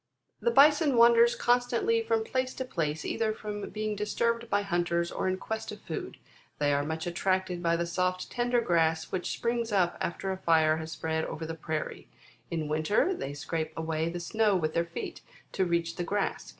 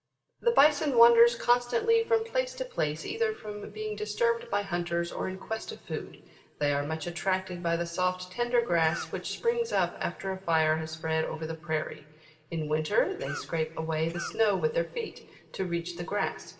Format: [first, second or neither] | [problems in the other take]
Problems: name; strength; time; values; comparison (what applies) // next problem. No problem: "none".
first | background sound (Cough); 13 dB below the speech // room echo; dies away in 2 s